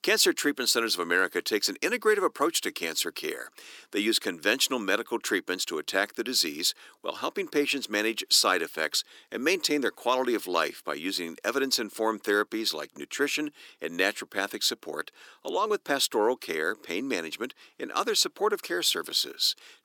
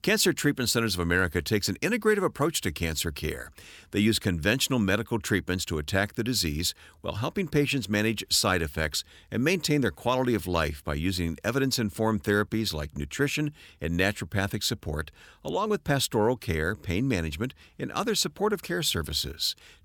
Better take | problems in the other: second | thin; somewhat; fading below 300 Hz

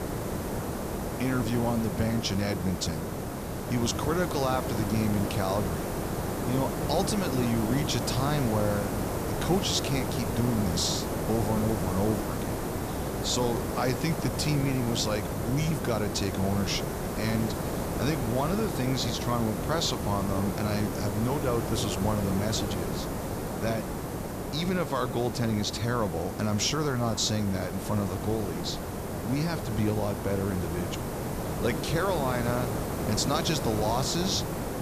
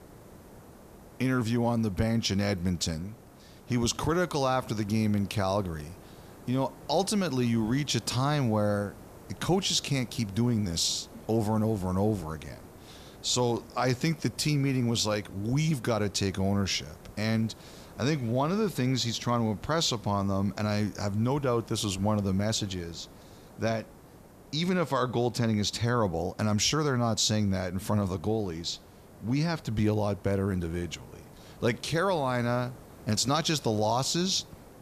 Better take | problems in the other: second | hiss; loud; throughout; 3 dB below the speech; faint in the second

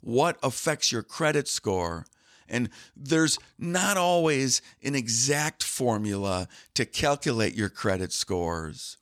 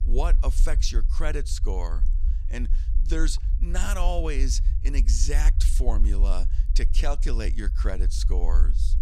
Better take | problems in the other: first | low rumble; noticeable; throughout; 15 dB below the speech

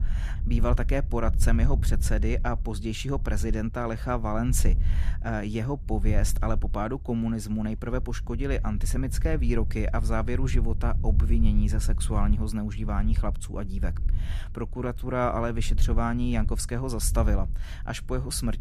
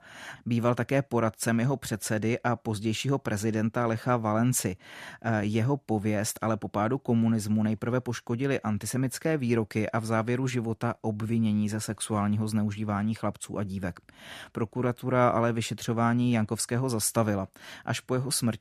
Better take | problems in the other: second | wind noise on the microphone; occasional gusts; 15 dB below the speech

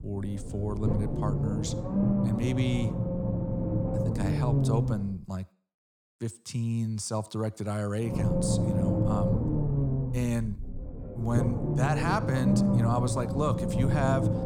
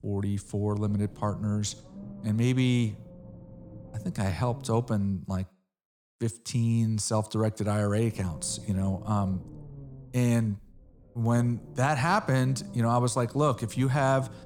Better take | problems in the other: second | low rumble; loud; until 5 s and from 8 s on; as loud as the speech; faint in the second

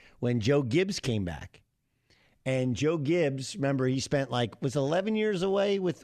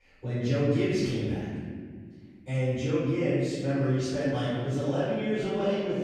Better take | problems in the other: first | off-mic speech; far // room echo; strong; dies away in 1.9 s

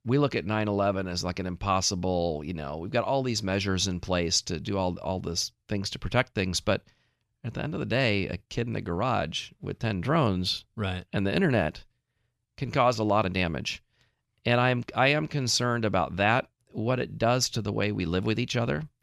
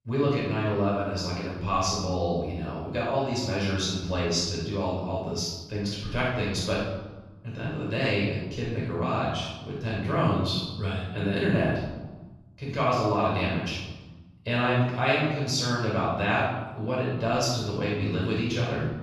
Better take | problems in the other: first | off-mic speech; far // room echo; strong; dies away in 1 s

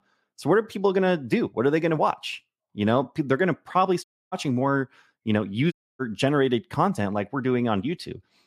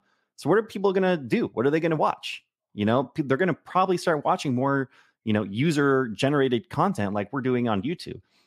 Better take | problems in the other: second | audio cutting out; at 4 s and at 5.5 s

